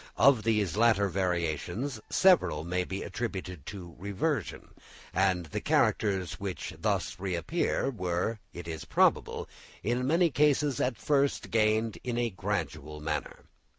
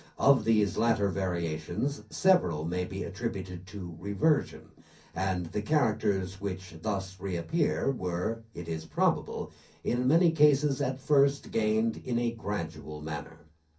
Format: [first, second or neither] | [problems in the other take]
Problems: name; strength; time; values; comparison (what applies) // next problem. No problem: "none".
first | room echo; dies away in 0.3 s